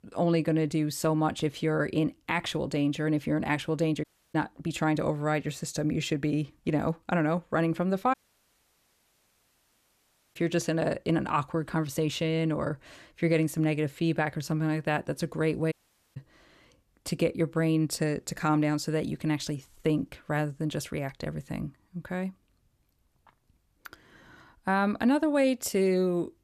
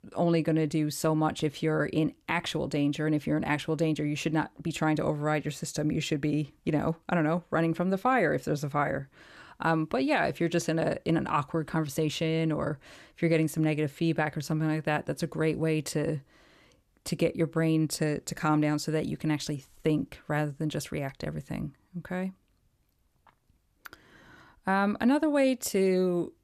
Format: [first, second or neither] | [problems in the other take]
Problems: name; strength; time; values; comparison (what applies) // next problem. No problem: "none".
second | audio cutting out; at 4 s, at 8 s for 2 s and at 16 s